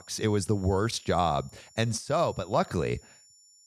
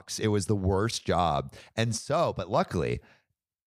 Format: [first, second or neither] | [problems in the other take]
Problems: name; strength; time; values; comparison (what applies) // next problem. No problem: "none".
second | high-pitched whine; faint; throughout; 7 kHz, 25 dB below the speech